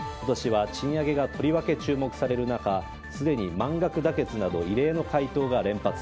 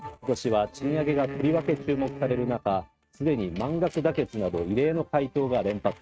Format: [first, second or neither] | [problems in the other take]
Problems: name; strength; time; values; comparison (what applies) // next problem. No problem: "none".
first | noise reduction (neural mask model RNNoise)